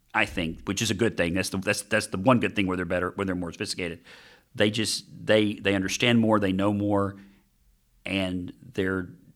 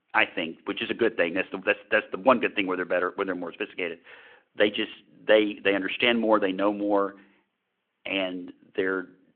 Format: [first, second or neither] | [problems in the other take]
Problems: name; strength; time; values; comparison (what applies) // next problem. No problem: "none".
first | phone-call audio